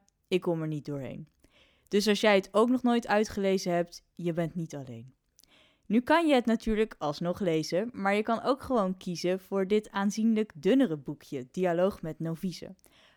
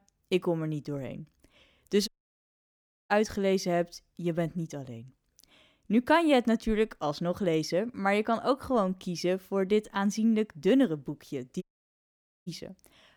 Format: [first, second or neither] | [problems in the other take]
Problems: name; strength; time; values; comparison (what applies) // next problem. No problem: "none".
first | audio cutting out; at 2 s for 1 s and at 12 s for 1 s